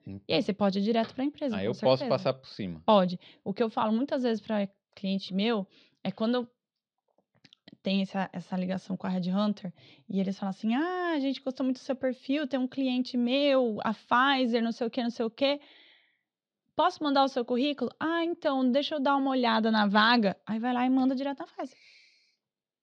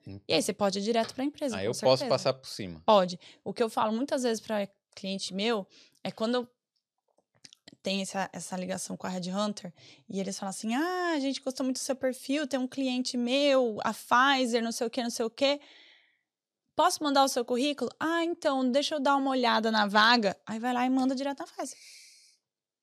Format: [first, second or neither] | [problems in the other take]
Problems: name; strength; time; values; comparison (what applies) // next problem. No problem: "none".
second | muffled; very slightly; fading above 4 kHz